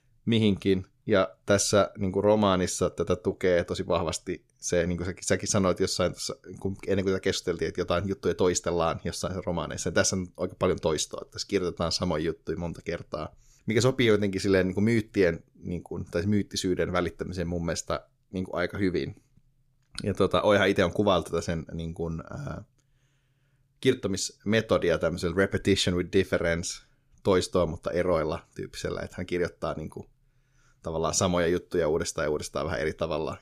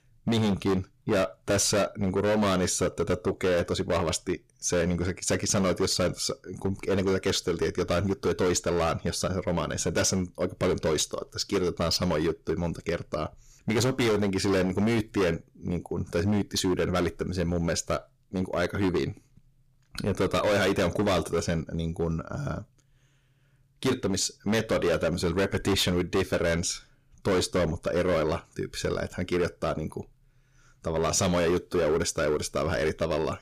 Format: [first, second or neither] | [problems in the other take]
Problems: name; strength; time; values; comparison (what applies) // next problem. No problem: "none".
first | distortion; heavy; 14% of the sound clipped